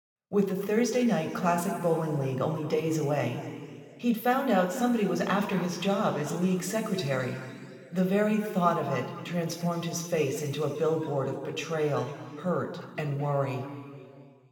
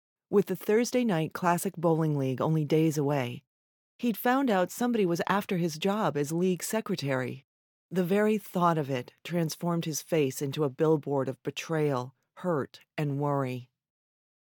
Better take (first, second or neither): second